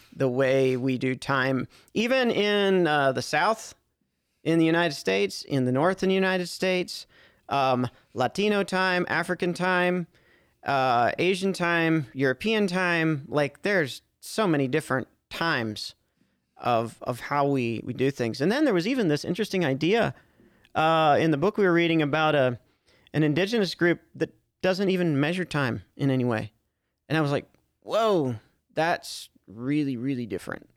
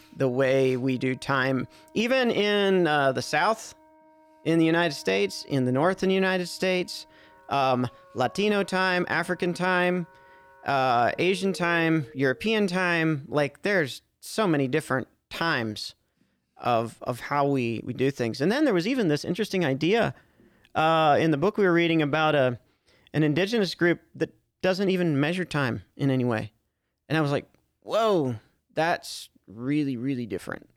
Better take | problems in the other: first | background music; faint; until 13 s; 25 dB below the speech

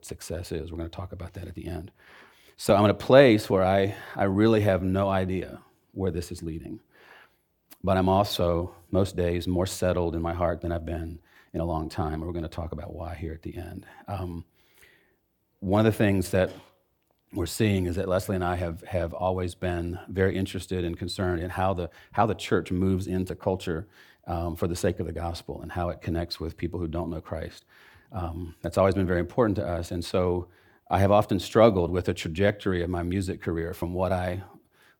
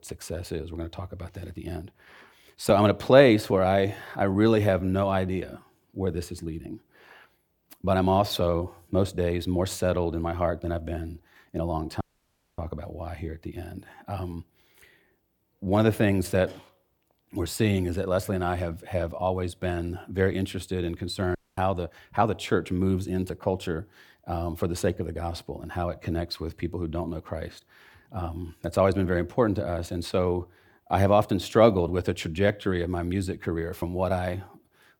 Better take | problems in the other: first | audio cutting out; at 12 s for 0.5 s and at 21 s

